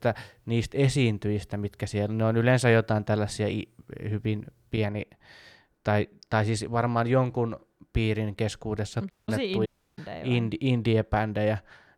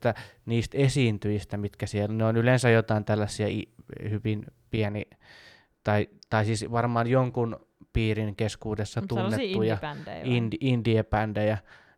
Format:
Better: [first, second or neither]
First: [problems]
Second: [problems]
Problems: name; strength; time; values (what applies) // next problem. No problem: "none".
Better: second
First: audio cutting out; at 9 s and at 9.5 s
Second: none